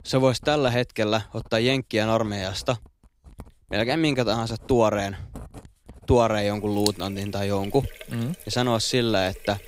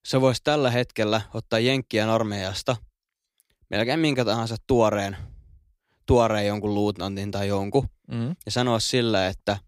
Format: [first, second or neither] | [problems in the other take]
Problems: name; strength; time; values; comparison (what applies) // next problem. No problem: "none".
second | household noises; noticeable; throughout; 15 dB below the speech